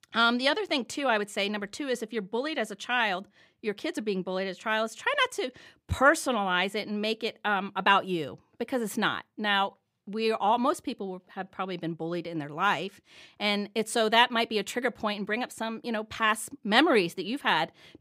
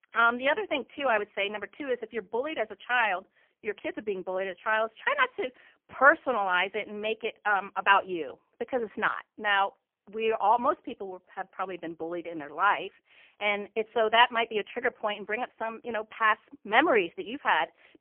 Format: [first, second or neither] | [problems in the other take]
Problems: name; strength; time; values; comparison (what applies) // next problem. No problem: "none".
first | phone-call audio; poor line; nothing above 3 kHz